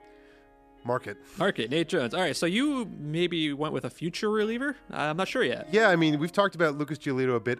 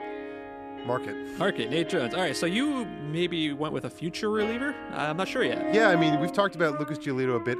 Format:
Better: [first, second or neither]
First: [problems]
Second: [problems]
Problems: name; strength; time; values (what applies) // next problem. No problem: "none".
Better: first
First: background music; faint; throughout; 25 dB below the speech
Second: background music; loud; throughout; 7 dB below the speech